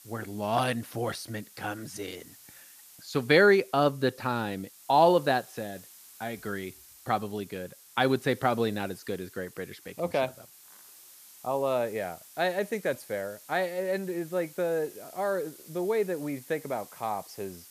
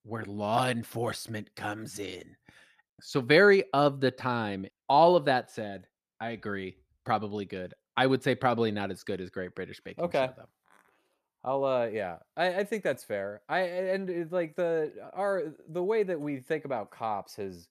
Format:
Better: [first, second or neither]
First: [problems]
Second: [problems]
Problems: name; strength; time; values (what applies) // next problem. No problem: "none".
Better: second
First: hiss; faint; throughout; 20 dB below the speech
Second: none